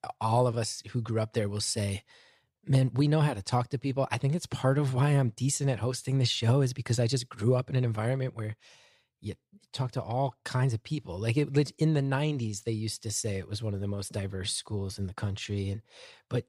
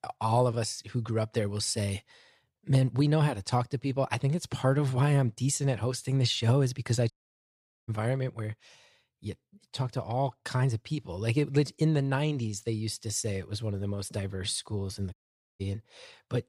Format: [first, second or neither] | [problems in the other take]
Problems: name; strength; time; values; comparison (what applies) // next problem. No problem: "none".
first | audio cutting out; at 7 s for 1 s and at 15 s